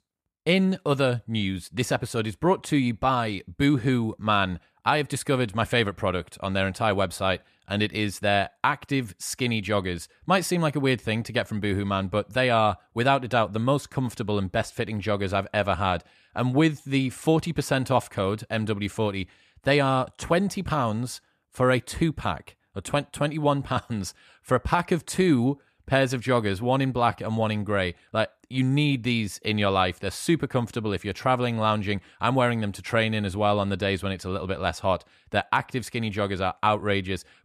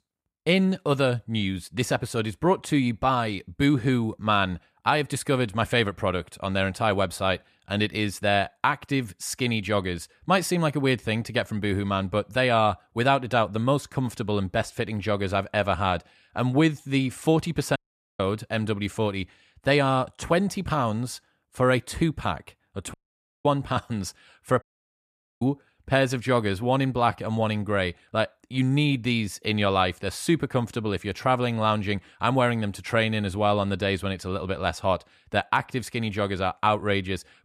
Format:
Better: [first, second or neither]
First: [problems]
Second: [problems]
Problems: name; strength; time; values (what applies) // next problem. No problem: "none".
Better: first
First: none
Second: audio cutting out; at 18 s, at 23 s for 0.5 s and at 25 s for 1 s